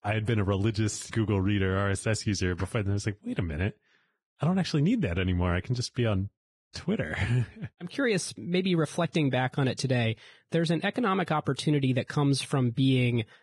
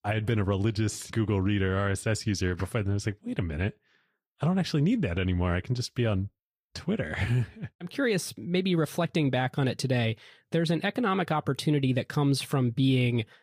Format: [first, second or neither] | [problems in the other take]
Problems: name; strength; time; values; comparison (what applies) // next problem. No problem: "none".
second | garbled, watery; badly; nothing above 10.5 kHz; slightly in the second